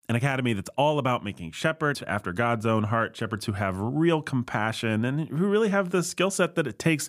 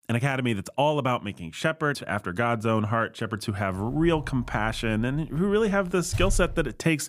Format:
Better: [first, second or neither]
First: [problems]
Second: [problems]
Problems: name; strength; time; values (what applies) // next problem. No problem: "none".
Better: first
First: none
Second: door banging; noticeable; from 4 s on; peak 4 dB below the speech